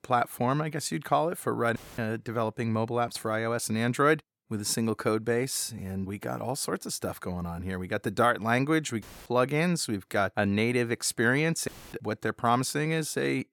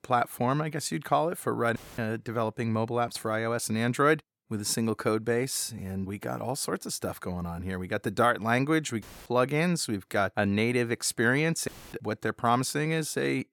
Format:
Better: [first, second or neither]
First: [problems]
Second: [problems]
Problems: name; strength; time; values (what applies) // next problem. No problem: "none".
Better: neither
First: audio cutting out; filled with static; at 2 s, at 9 s and at 12 s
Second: audio cutting out; filled with static; at 2 s, at 9 s and at 12 s